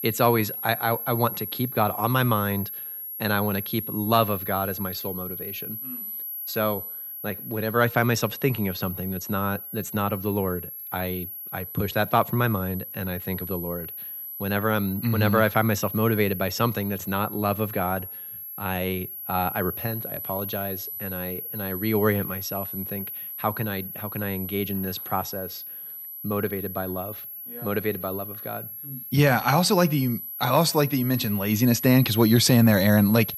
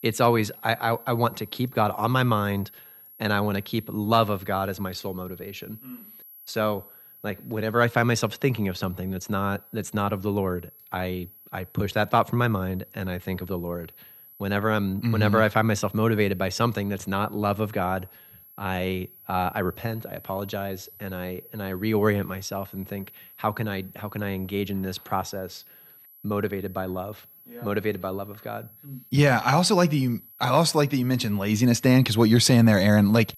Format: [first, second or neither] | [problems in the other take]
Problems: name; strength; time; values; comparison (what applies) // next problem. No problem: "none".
second | high-pitched whine; loud; throughout; 11.5 kHz, 8 dB below the speech; faint in the second